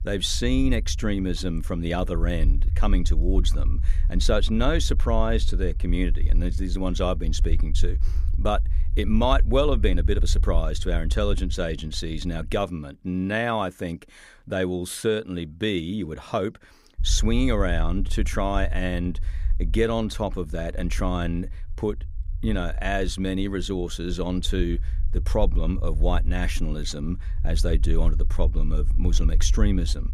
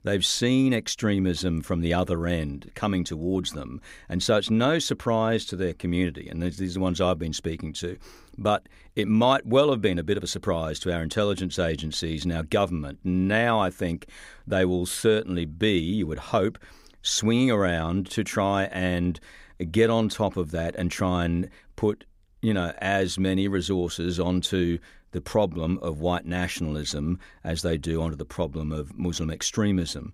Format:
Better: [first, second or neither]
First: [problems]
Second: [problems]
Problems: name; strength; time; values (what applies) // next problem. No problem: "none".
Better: second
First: low rumble; faint; until 13 s and from 17 s on; 20 dB below the speech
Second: none